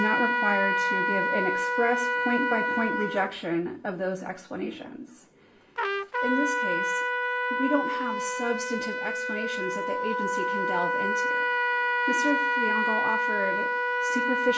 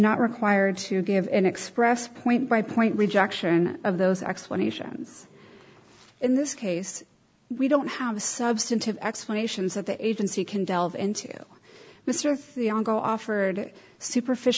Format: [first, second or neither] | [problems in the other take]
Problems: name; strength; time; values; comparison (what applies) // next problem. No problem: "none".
second | background sound (Trumpet); 4 dB above the speech // room echo; dies away in 0.3 s